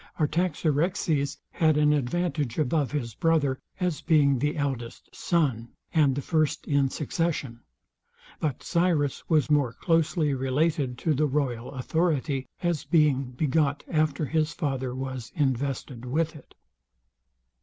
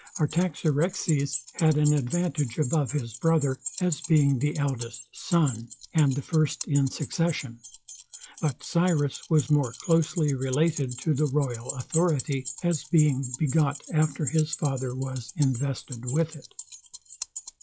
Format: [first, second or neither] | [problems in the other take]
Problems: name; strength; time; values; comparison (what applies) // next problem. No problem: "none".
first | noise reduction (classical method log-MMSE)